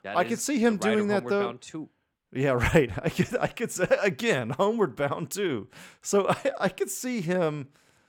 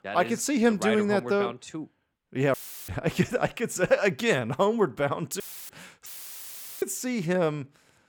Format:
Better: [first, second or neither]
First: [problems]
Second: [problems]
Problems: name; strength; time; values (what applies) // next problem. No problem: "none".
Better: first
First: none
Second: audio cutting out; filled with static; at 2.5 s, at 5.5 s and at 6 s for 1 s